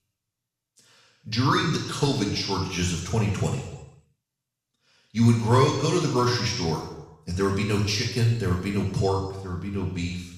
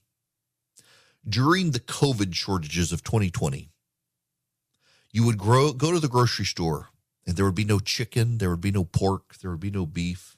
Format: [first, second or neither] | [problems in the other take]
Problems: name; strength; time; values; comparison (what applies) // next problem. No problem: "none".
second | room echo; noticeable; dies away in 0.9 s // off-mic speech; far